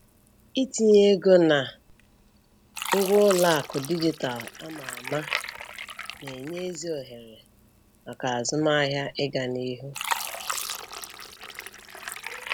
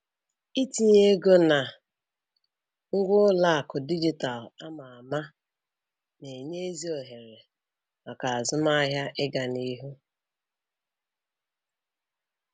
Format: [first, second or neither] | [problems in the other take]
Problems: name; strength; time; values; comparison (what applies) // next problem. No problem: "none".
second | background sound (Fill (with liquid)); 11 dB below the speech